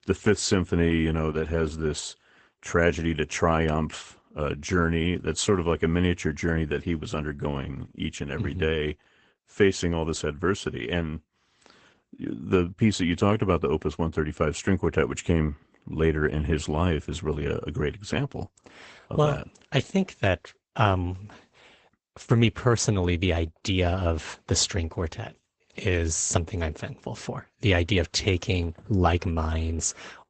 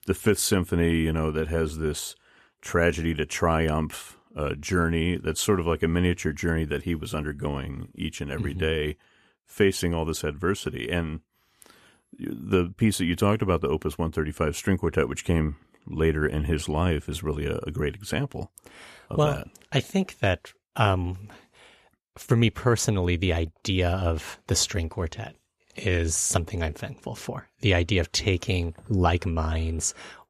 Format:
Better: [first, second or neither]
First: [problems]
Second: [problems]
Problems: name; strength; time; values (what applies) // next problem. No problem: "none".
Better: second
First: garbled, watery; badly; nothing above 8 kHz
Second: none